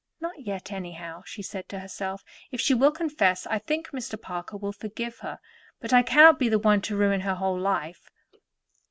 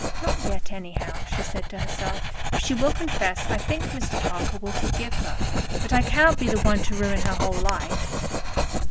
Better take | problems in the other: first | background sound (Writing); 5 dB above the speech

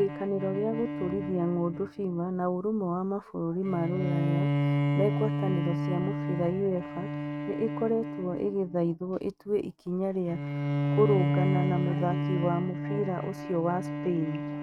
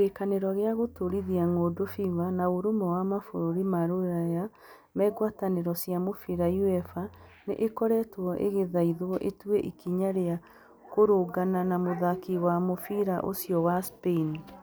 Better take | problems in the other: second | noise reduction (neural mask model RNNoise)

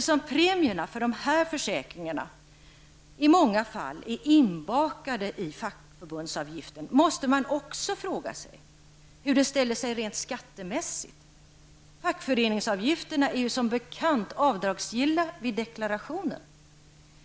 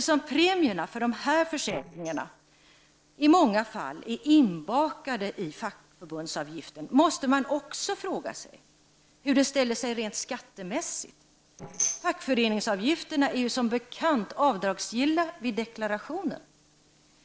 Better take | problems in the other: first | noise reduction (neural separator model SepFormer DNS4)

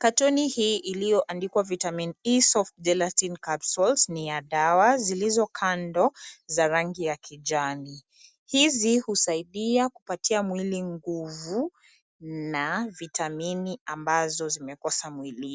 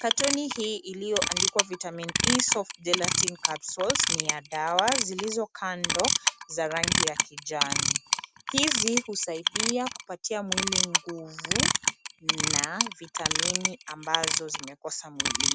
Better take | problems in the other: first | background sound (Clock); 3 dB above the speech

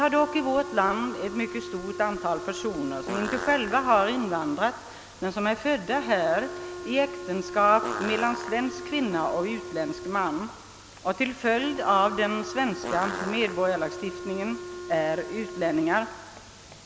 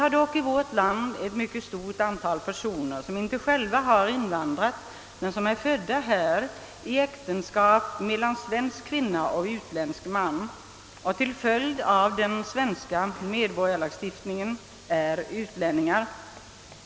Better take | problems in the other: second | background sound (Fart + Wind instrument, woodwind instrument); 10 dB below the speech

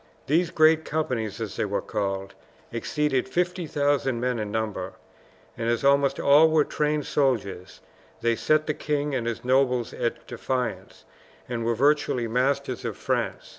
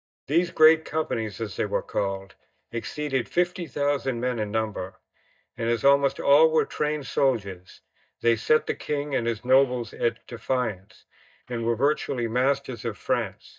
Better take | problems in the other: first | noise reduction (neural mask model DeepFilterNet 3)

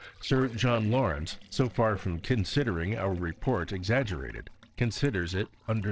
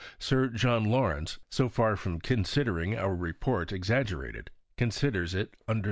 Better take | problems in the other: second | noise reduction (neural separator model SepFormer DNS4)

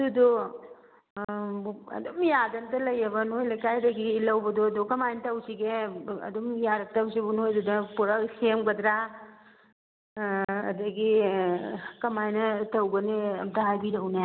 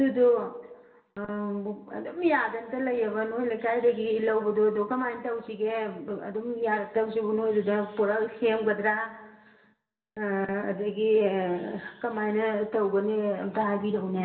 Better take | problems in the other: first | room echo; dies away in 0.6 s

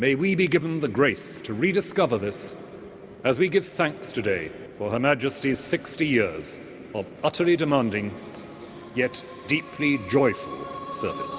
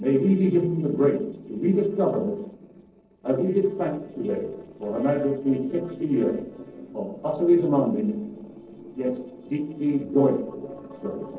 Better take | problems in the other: first | noise reduction (neural separator model SepFormer DNS4)

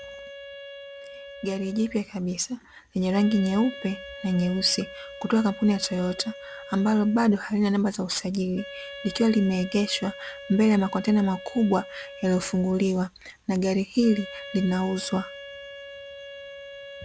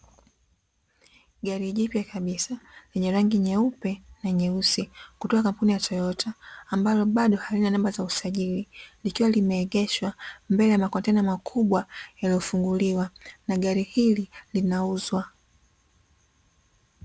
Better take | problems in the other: second | background sound (Wind instrument, woodwind instrument); 16 dB below the speech

